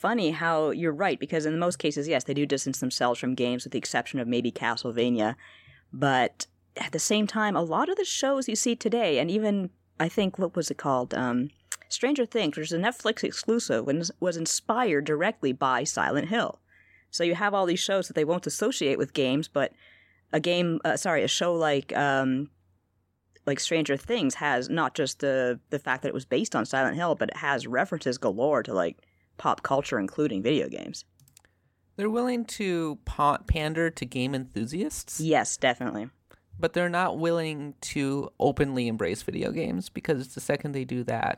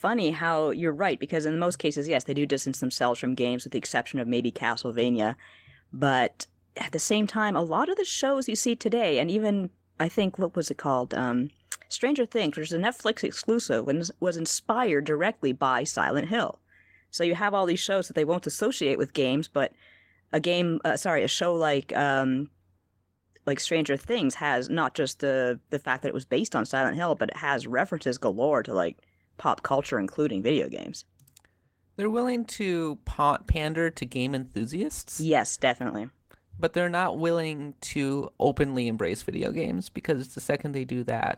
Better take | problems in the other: first | garbled, watery; slightly; nothing above 16.5 kHz

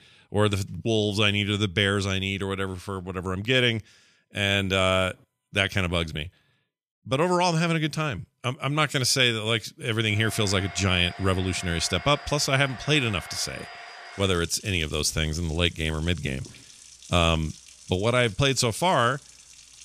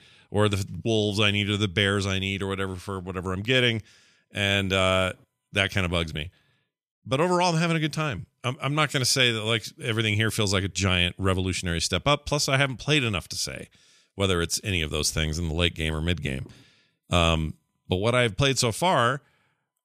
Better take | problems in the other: second | household noises; noticeable; from 10 s on; 20 dB below the speech

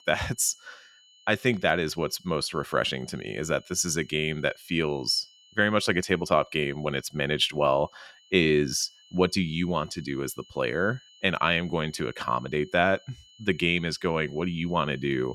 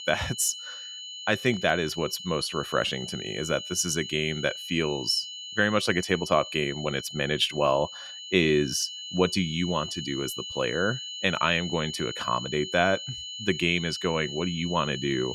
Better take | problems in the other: first | high-pitched whine; loud; throughout; 3 kHz, 9 dB below the speech; faint in the first

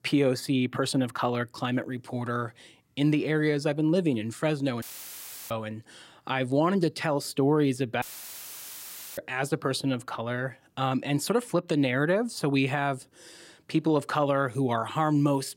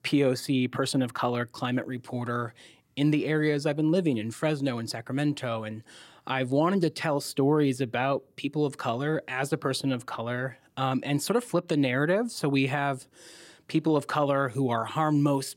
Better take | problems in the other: second | audio cutting out; filled with static; at 5 s for 0.5 s and at 8 s for 1 s

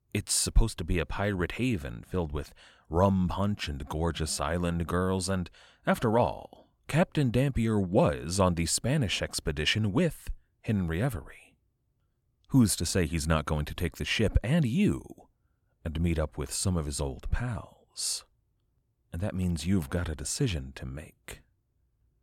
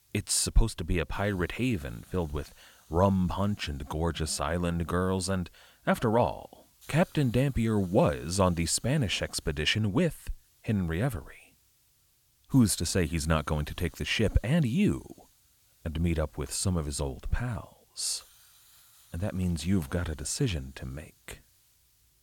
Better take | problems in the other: first | hiss; faint; throughout; 30 dB below the speech

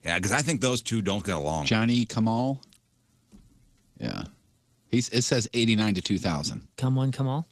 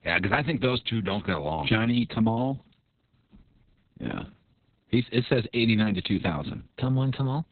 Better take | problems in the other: first | garbled, watery; badly; nothing above 4 kHz; slightly in the first

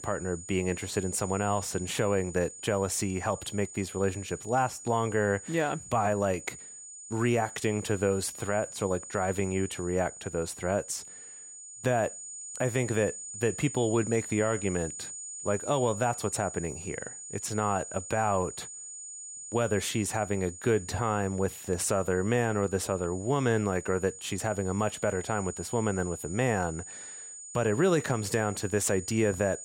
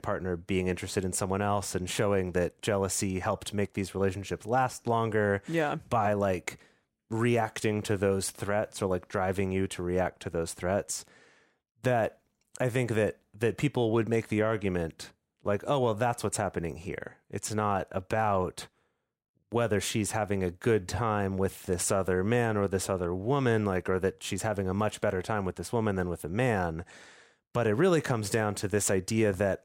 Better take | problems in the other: second | high-pitched whine; noticeable; throughout; 7 kHz, 10 dB below the speech

